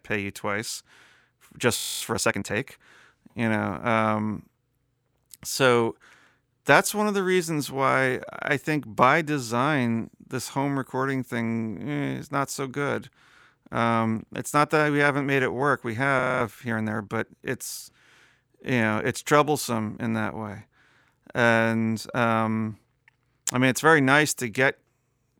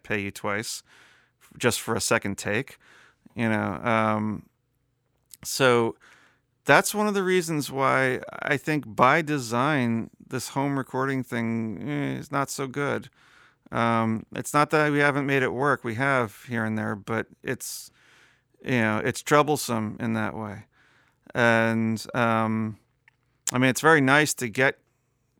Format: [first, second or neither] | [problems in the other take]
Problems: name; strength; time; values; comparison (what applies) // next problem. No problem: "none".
second | audio freezing; at 2 s and at 16 s